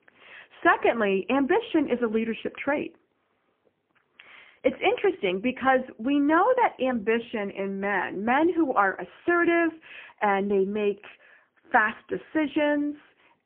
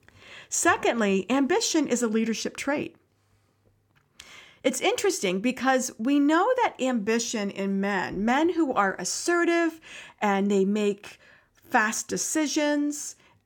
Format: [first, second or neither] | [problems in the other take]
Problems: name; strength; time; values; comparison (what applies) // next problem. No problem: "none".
second | phone-call audio; poor line; nothing above 3 kHz